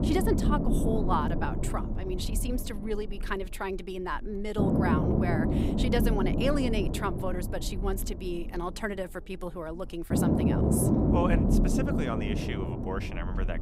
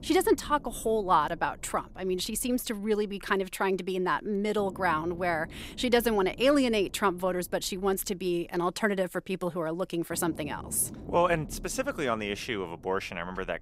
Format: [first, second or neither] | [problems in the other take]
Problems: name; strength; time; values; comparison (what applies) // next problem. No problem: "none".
second | low rumble; loud; throughout; as loud as the speech; faint in the second